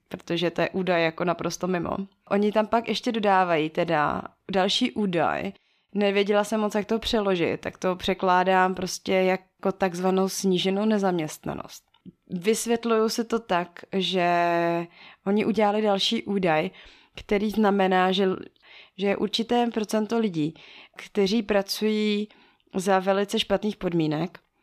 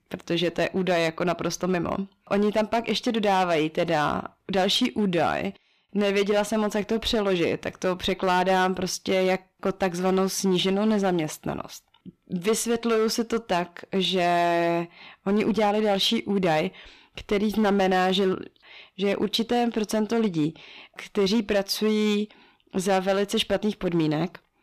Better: first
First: none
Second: distortion; slight; 8% of the sound clipped

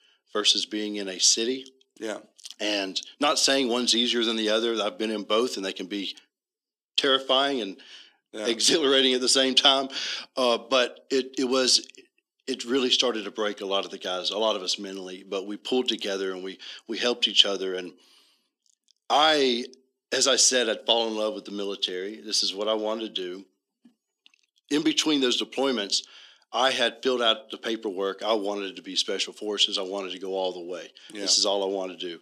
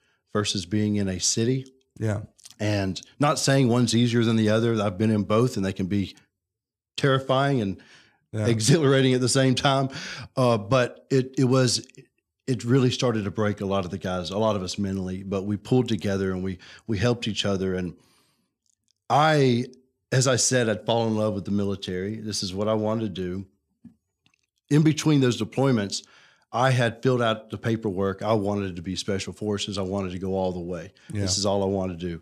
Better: second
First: thin; somewhat; fading below 250 Hz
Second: none

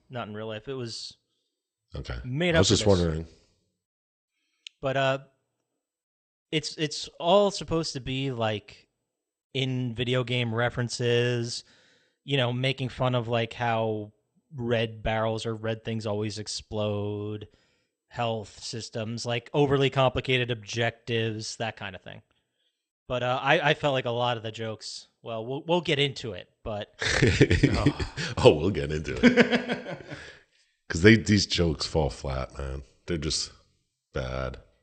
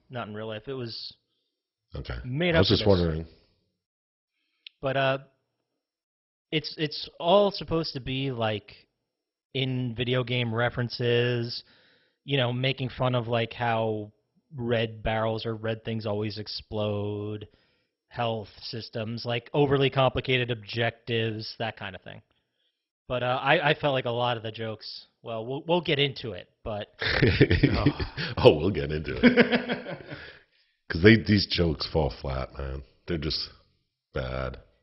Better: first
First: garbled, watery; slightly; nothing above 8.5 kHz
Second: garbled, watery; badly; nothing above 5.5 kHz

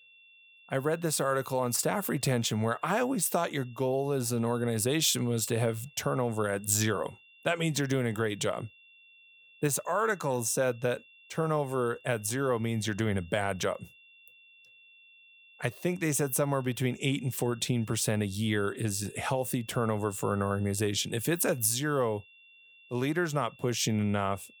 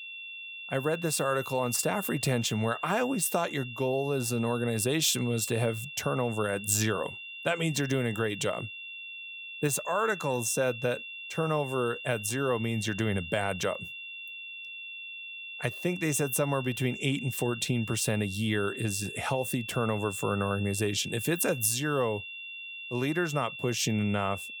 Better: first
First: high-pitched whine; faint; throughout; 2.5 kHz, 25 dB below the speech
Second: high-pitched whine; loud; throughout; 2.5 kHz, 9 dB below the speech

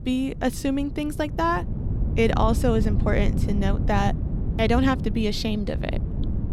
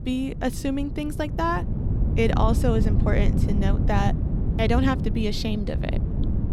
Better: first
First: wind noise on the microphone; occasional gusts; 15 dB below the speech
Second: wind noise on the microphone; heavy; 9 dB below the speech

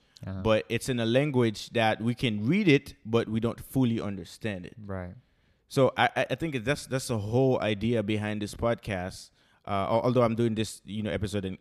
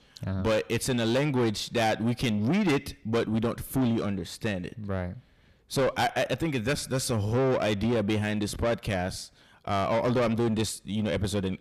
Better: first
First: none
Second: distortion; heavy; 7 dB below the speech

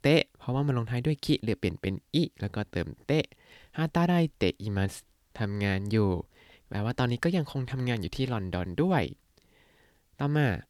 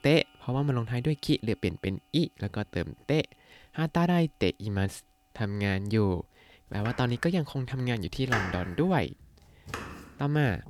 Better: first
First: none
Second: household noises; loud; throughout; 8 dB below the speech

